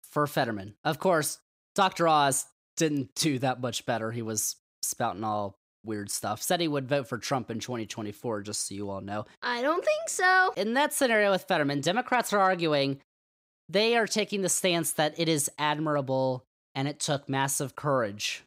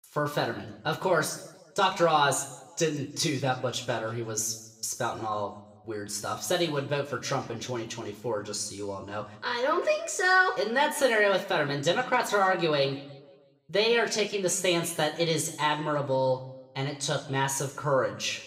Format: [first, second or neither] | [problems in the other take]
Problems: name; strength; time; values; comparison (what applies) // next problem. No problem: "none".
first | room echo; slight; dies away in 0.8 s // off-mic speech; somewhat distant